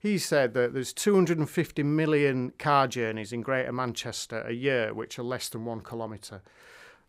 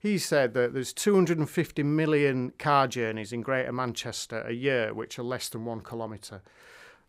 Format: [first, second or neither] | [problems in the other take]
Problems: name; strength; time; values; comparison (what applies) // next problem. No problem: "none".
neither | none